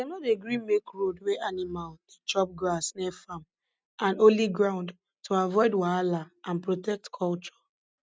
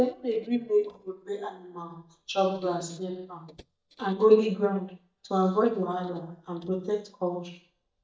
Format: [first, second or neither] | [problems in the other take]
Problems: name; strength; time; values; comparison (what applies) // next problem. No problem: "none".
first | noise reduction (neural mask model DeepFilterNet 3)